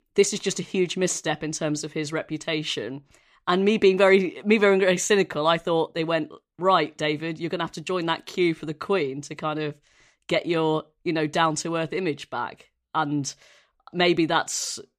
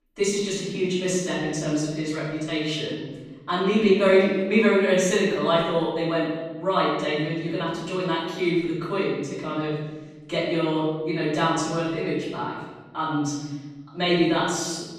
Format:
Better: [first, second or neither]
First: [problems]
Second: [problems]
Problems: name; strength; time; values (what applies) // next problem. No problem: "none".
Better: first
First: none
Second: room echo; noticeable; dies away in 1.3 s // off-mic speech; far